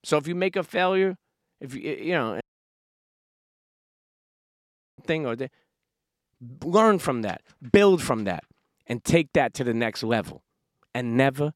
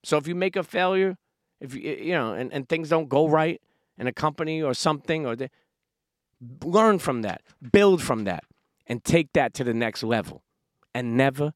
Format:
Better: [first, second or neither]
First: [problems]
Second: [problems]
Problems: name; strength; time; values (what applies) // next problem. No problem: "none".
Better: second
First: audio cutting out; at 2.5 s for 2.5 s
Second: none